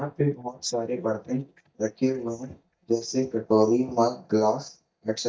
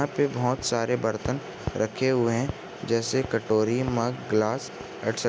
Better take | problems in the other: second | noise reduction (neural mask model DeepFilterNet 3)

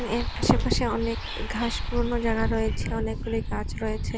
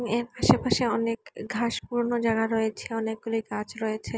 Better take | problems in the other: second | background sound (Bus); 1 dB below the speech

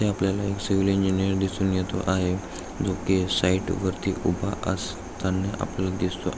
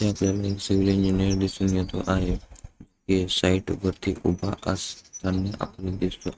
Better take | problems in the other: first | noise reduction (neural mask model RNNoise)

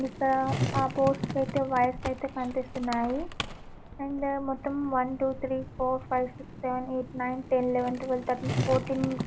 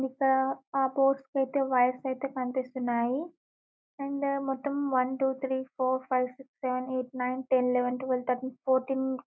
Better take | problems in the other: second | background sound (Skateboard); 7 dB below the speech

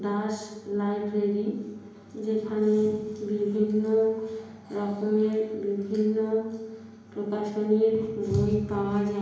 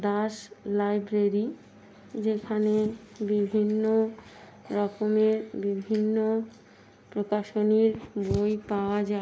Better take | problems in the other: second | room echo; dies away in 1 s

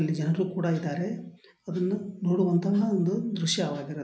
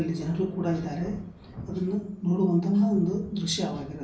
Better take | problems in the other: first | background sound (Thunder); 18 dB below the speech // room echo; dies away in 0.3 s

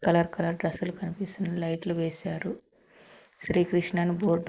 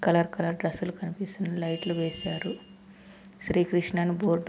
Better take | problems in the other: second | noise reduction (neural mask model Resemble Enhance denoiser)

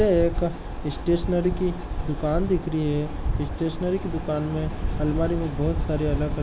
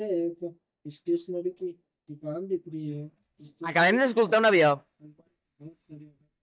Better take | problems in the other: first | noise reduction (neural mask model DeepFilterNet 3)

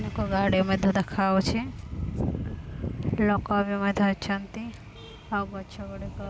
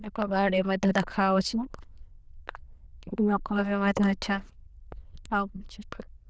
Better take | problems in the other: first | noise reduction (neural diffusion model UNIVERSE++)

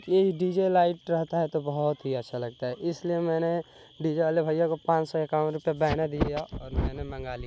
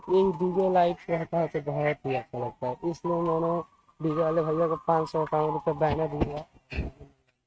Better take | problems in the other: first | noise reduction (neural mask model RNNoise)

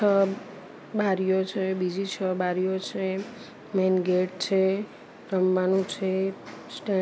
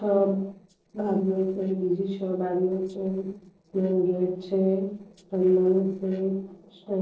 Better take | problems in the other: first | noise reduction (neural separator model SepFormer DNS4)

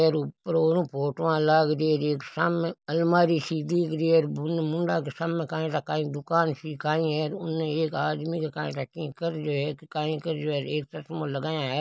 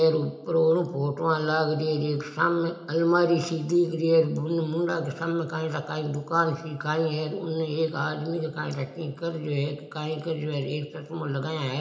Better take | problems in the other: first | room echo; dies away in 0.8 s

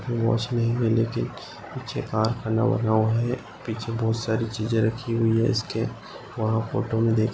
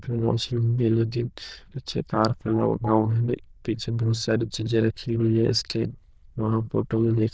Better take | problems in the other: first | noise reduction (neural diffusion model UNIVERSE++)

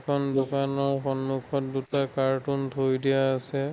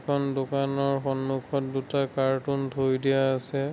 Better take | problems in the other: second | noise reduction (neural mask model Resemble Enhance denoiser)

